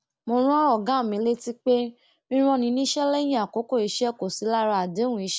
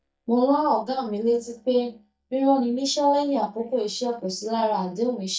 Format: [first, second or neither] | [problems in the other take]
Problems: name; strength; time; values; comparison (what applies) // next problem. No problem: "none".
first | noise reduction (neural mask model DeepFilterNet 3)